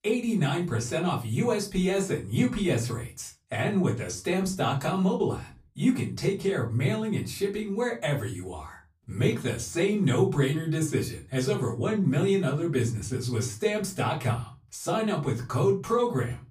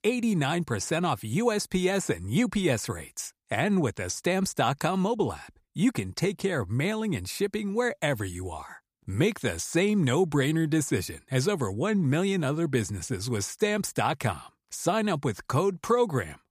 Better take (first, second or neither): second